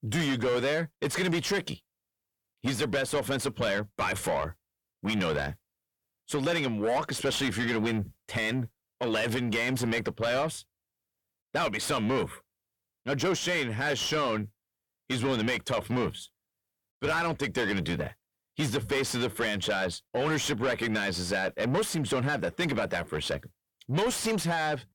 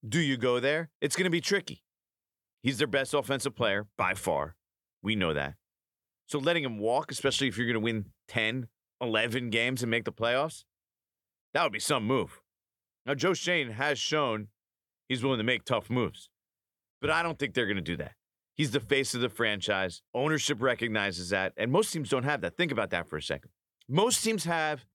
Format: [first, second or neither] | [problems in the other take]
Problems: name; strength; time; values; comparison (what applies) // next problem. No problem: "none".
second | distortion; heavy; 6 dB below the speech